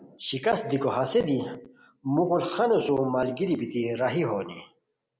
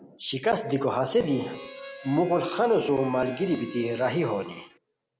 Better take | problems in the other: first | background sound (Harmonica); 18 dB below the speech

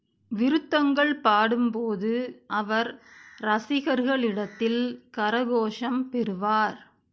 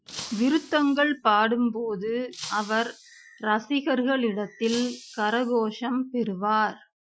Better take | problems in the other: first | noise reduction (classical method Wiener filter)

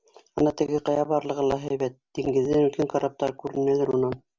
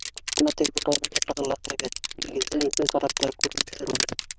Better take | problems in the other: first | noise reduction (neural diffusion model UNIVERSE++)

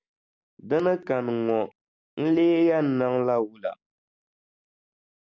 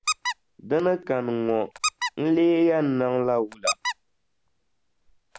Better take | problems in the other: first | background sound (Squeak); 8 dB below the speech

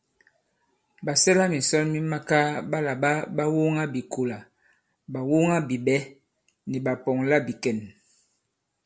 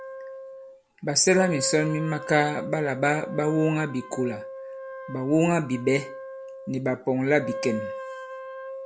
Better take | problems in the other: first | background sound (Wind instrument, woodwind instrument); 11 dB below the speech

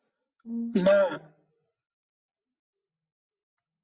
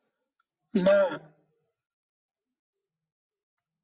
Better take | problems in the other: second | background sound (Brass instrument); 6 dB below the speech

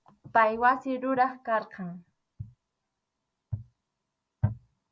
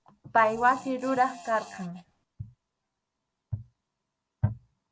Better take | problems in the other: first | background sound (Fart); 16 dB below the speech

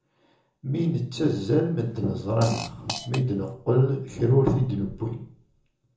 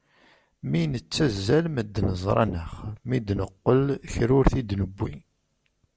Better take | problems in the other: second | background sound (Fart); 12 dB below the speech // room echo; dies away in 0.6 s

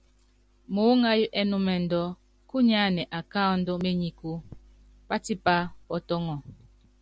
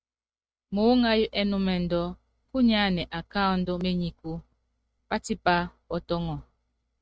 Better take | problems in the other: first | noise reduction (neural mask model RNNoise)

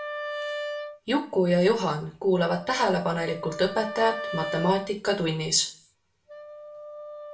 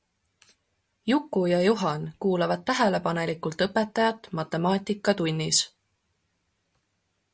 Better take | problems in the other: second | background sound (Wind instrument, woodwind instrument); 10 dB below the speech // room echo; dies away in 0.3 s

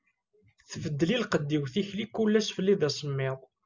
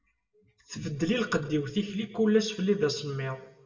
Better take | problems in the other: first | room echo; dies away in 0.7 s

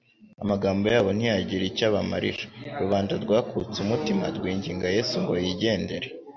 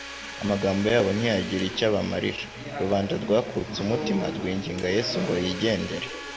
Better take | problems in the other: first | background sound (Domestic sounds, home sounds); 13 dB below the speech

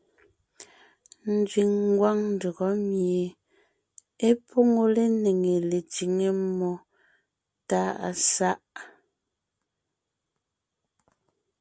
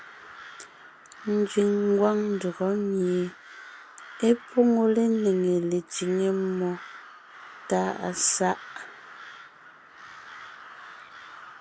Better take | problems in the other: first | background sound (Crow); 18 dB below the speech

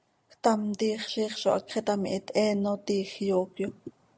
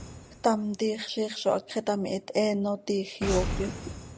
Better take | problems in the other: first | background sound (Boom); 9 dB below the speech

